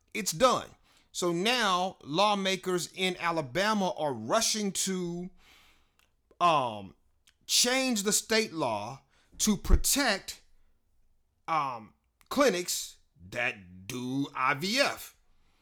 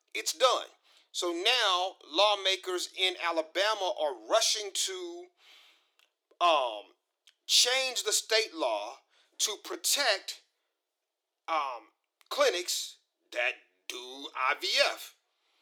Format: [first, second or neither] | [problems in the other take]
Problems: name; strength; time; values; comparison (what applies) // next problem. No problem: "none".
first | thin; very; fading below 300 Hz